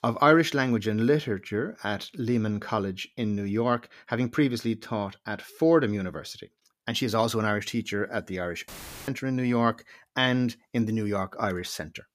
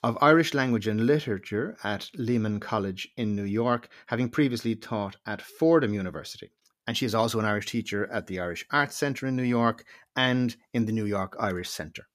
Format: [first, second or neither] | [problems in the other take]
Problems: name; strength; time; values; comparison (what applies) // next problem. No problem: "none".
second | audio cutting out; filled with static; at 8.5 s